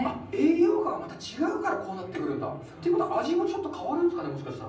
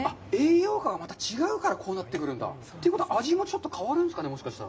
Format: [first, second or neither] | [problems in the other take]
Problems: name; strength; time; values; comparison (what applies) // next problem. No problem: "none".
second | room echo; dies away in 0.6 s